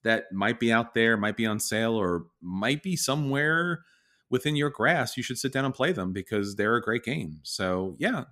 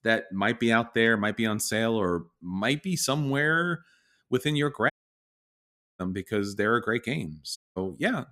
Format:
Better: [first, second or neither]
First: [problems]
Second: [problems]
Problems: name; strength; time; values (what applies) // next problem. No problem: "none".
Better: first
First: none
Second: audio cutting out; at 5 s for 1 s and at 7.5 s